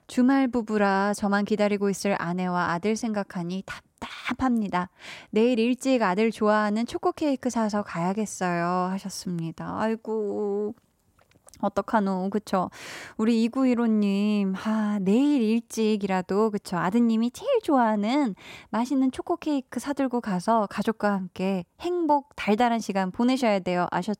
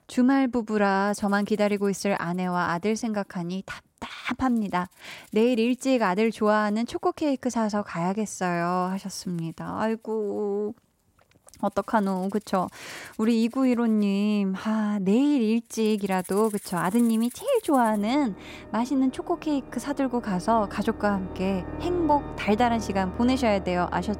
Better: first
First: none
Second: background music; noticeable; throughout; 15 dB below the speech

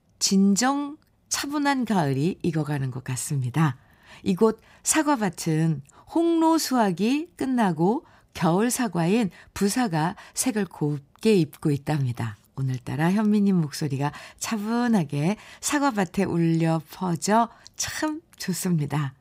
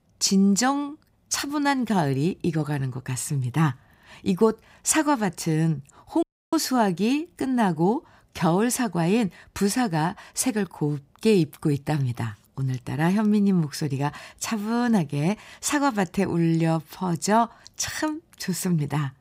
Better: first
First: none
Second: audio cutting out; at 6 s

